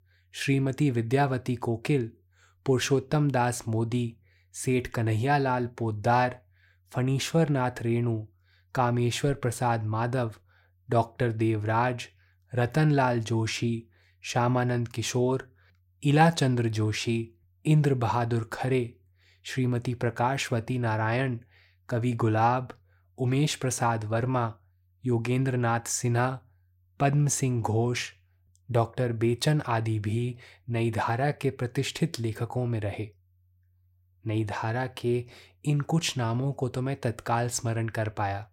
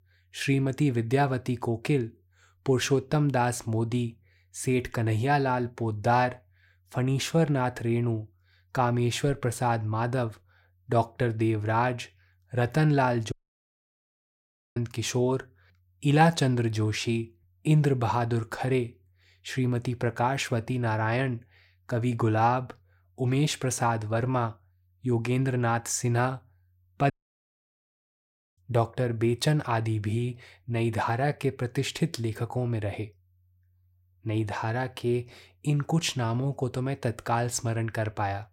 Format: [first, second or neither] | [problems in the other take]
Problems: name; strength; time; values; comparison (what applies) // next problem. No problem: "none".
first | audio cutting out; at 13 s for 1.5 s and at 27 s for 1.5 s